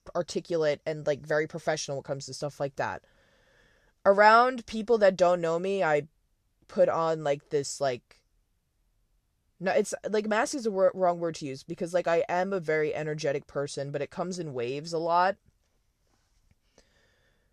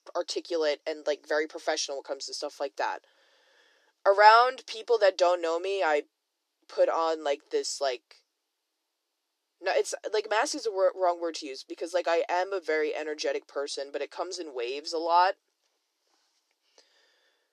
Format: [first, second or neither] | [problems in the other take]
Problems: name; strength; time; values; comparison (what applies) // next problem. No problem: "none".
first | thin; very; fading below 300 Hz